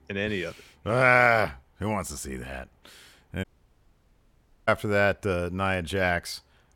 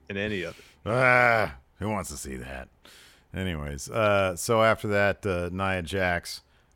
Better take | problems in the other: second | audio cutting out; at 3.5 s for 1 s

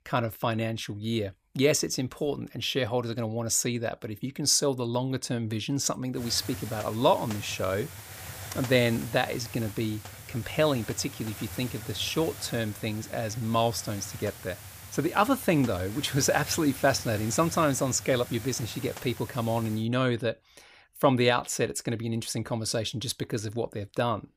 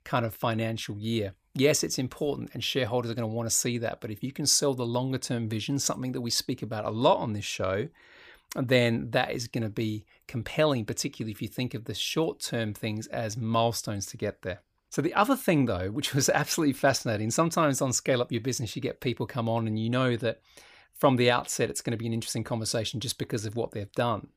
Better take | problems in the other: second | hiss; noticeable; from 6 to 20 s; 15 dB below the speech

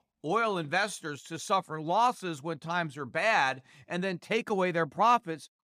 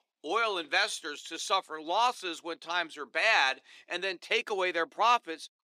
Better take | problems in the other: first | thin; very; fading below 350 Hz

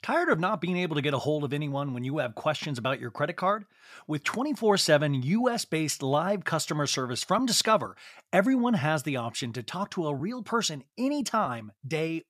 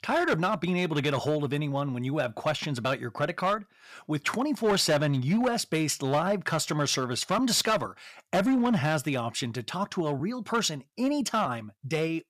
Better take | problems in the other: first | distortion; slight; 6% of the sound clipped

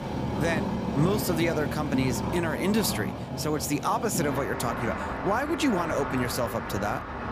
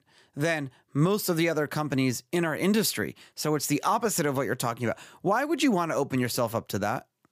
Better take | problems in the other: second | traffic noise; loud; throughout; 3 dB below the speech

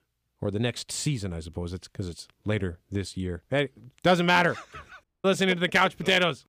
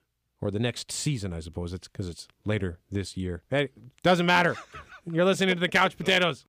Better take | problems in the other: second | audio cutting out; at 5 s

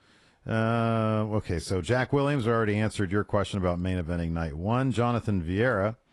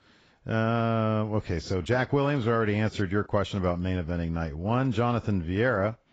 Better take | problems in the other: first | garbled, watery; badly; nothing above 7.5 kHz; slightly in the first

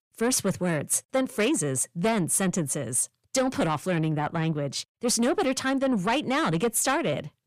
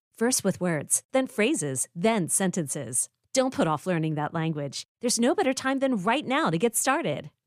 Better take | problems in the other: second | distortion; slight; 10 dB below the speech

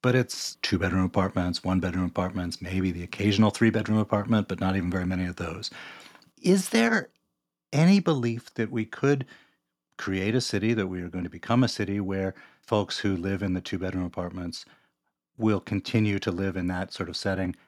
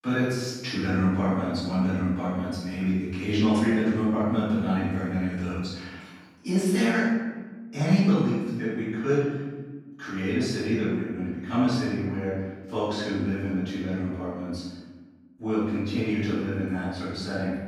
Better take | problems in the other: first | off-mic speech; far // room echo; strong; dies away in 1.2 s

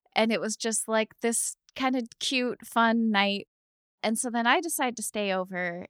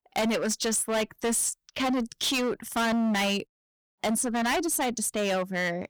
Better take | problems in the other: first | distortion; heavy; 23% of the sound clipped

